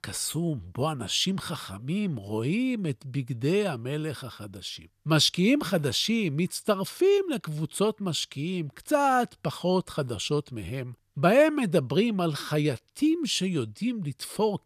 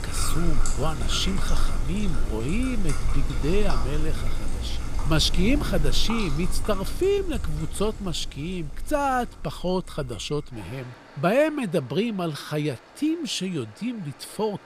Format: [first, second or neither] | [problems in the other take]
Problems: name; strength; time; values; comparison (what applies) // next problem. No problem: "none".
first | rain or running water; loud; throughout; 4 dB below the speech